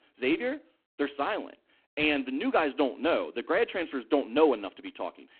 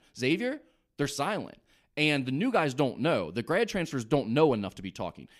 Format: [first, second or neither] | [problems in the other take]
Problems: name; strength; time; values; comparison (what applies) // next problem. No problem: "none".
second | phone-call audio; poor line